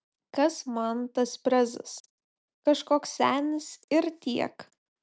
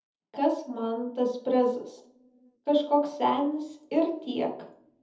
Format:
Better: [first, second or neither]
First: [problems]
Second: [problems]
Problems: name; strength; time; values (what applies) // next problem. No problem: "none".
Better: first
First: none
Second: room echo; dies away in 0.7 s